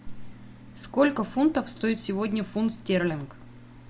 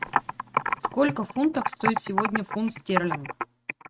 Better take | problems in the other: first | noise reduction (neural mask model RNNoise)

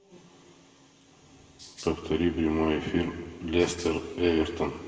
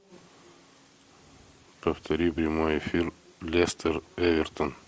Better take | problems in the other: second | background sound (Rattle (instrument)); 19 dB below the speech // room echo; dies away in 2 s

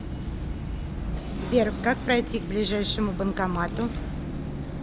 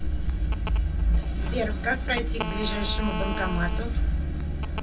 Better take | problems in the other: first | background sound (Telephone); 13 dB below the speech // room echo; dies away in 0.1 s

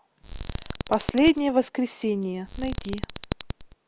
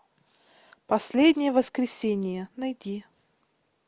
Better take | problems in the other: second | background sound (Alarm); 8 dB below the speech

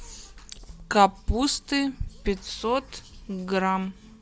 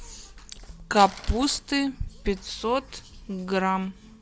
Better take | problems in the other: first | background sound (Crumpling, crinkling); 16 dB below the speech

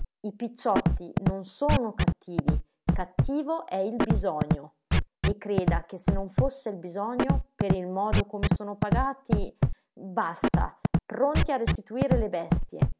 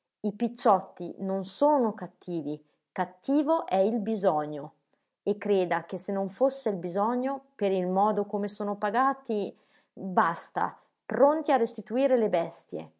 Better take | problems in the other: second | background sound (Scratching (performance technique)); 4 dB above the speech

